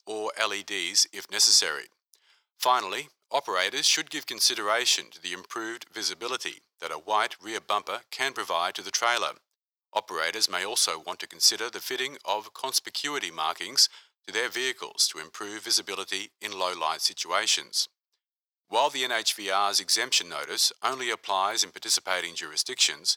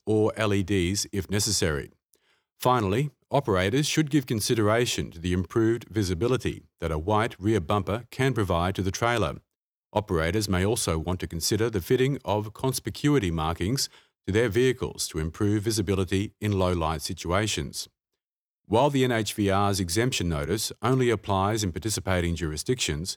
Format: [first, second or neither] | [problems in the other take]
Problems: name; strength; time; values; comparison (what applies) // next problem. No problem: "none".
second | thin; very; fading below 900 Hz